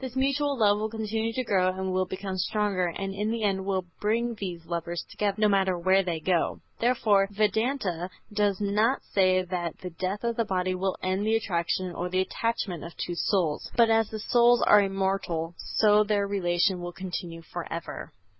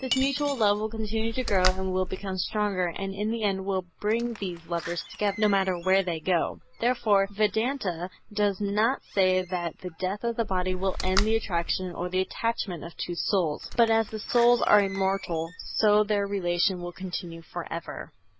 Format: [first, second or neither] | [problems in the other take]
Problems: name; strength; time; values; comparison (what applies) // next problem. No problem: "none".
first | background sound (Cutlery, silverware / Dishes, pots, and pans + Slam); 8 dB below the speech